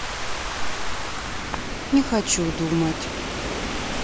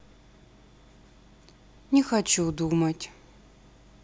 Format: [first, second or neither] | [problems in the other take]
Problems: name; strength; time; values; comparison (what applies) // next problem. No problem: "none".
second | background sound (Rain / Thunderstorm); as loud as the speech